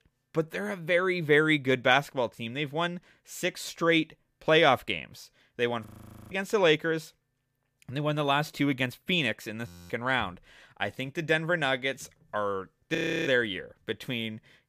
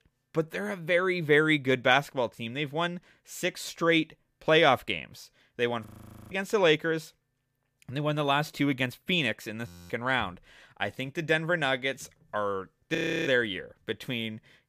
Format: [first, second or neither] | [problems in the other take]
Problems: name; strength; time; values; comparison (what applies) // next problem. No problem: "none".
neither | audio freezing; at 6 s, at 9.5 s and at 13 s; the same in both